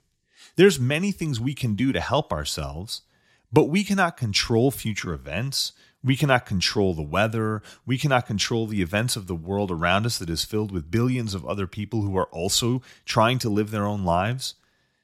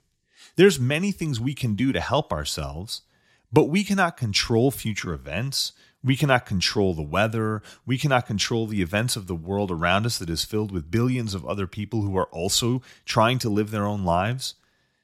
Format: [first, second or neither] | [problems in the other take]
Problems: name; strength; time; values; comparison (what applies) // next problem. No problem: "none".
neither | none